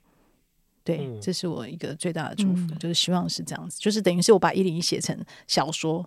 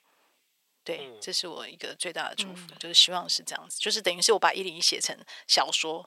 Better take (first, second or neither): first